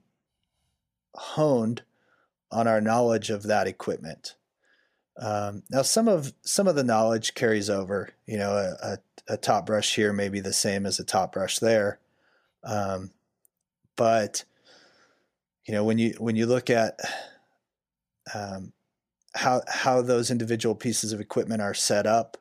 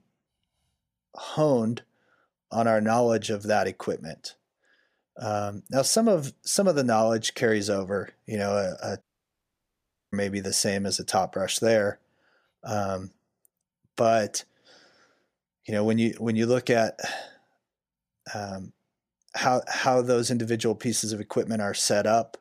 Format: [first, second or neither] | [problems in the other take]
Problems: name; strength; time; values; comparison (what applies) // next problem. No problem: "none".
first | audio cutting out; at 9 s for 1 s